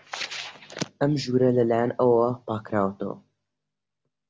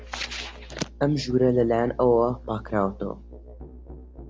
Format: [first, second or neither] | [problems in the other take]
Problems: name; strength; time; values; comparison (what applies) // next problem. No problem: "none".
first | background sound (Musical instrument); 16 dB below the speech